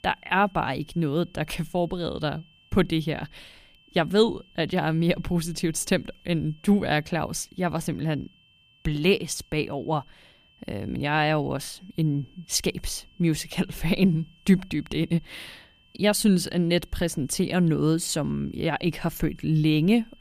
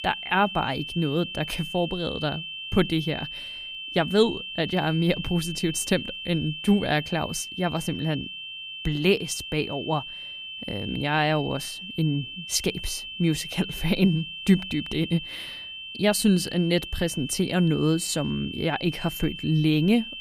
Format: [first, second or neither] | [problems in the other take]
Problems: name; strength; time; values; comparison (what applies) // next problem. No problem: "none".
first | high-pitched whine; loud; throughout; 3 kHz, 9 dB below the speech; faint in the first